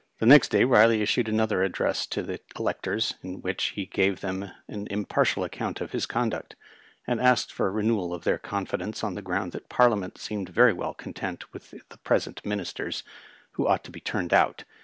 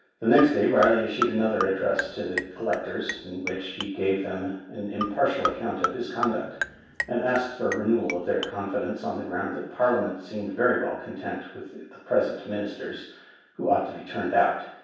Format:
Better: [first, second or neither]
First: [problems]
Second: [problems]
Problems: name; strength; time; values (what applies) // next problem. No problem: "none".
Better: first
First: none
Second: background sound (Marimba, xylophone); 7 dB below the speech // room echo; dies away in 0.7 s